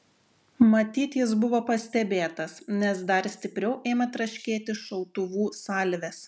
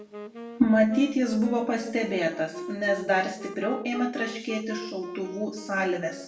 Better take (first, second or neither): first